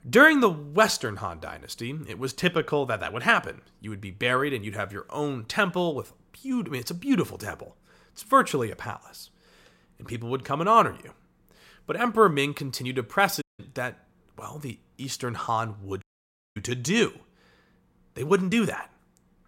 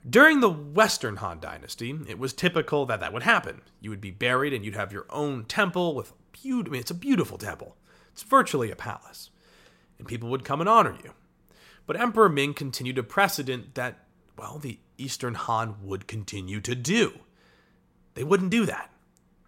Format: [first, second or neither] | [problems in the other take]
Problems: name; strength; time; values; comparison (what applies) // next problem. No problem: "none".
second | audio cutting out; at 13 s and at 16 s for 0.5 s